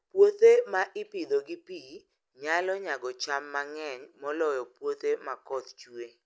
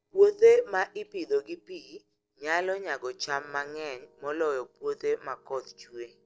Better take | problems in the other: first | noise reduction (neural separator model SepFormer DNS4)

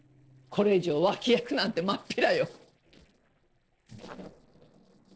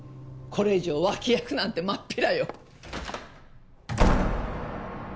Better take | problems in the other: second | noise reduction (neural separator model SepFormer DNS4)

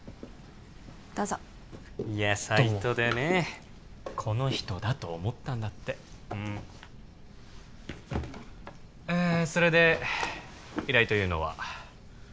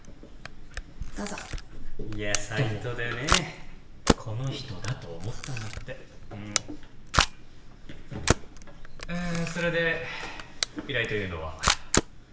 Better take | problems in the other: first | background sound (Camera); 3 dB above the speech // room echo; dies away in 0.8 s

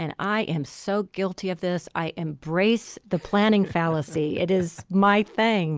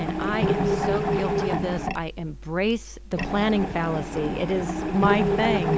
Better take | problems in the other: first | background sound (Mechanisms); as loud as the speech

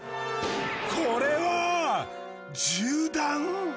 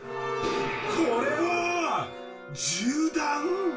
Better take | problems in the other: first | room echo; dies away in 0.1 s

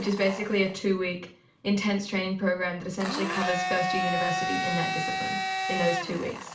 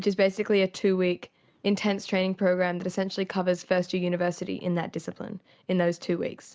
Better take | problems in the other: second | background sound (Domestic sounds, home sounds); 3 dB below the speech // room echo; dies away in 0.4 s

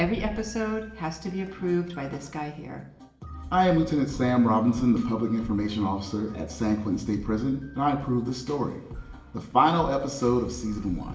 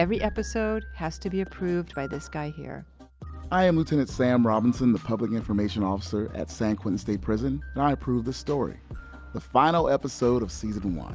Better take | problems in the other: second | room echo; dies away in 0.8 s

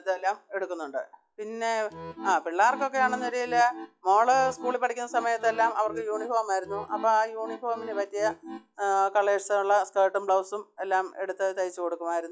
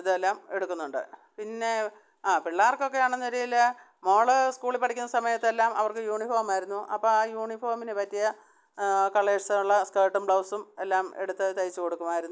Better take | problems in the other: second | noise reduction (classical method log-MMSE)

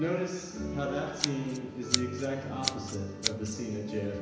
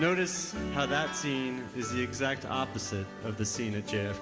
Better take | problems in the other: second | background sound (Scissors); 4 dB below the speech // room echo; dies away in 1 s

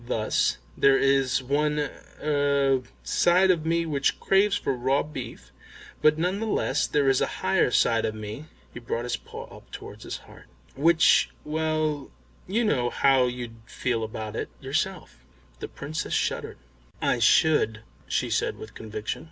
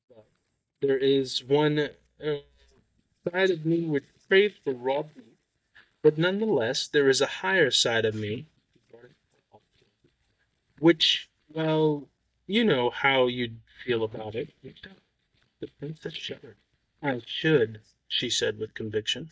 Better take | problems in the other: first | noise reduction (neural mask model DeepFilterNet 3)

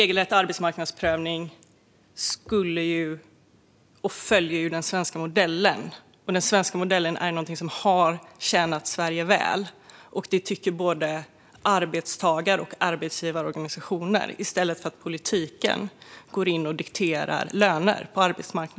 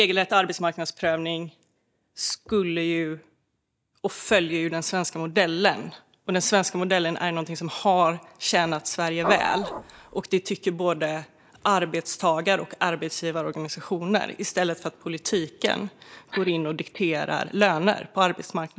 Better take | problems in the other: first | noise reduction (neural mask model DeepFilterNet 3)

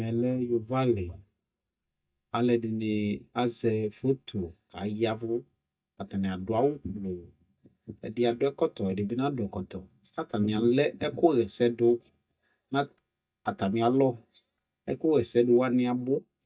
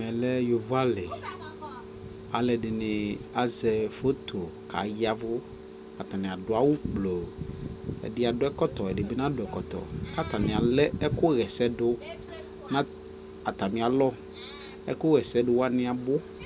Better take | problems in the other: second | noise reduction (neural mask model DeepFilterNet 3)

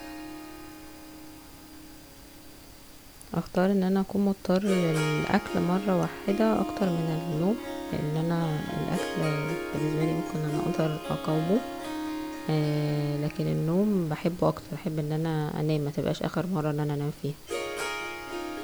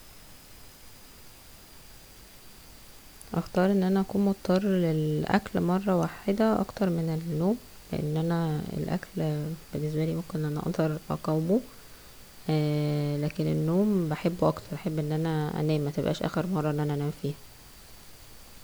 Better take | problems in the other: second | background sound (Harp); 8 dB below the speech

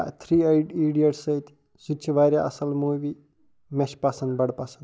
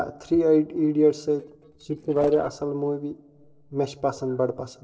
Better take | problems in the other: first | noise reduction (neural separator model SepFormer DNS4)

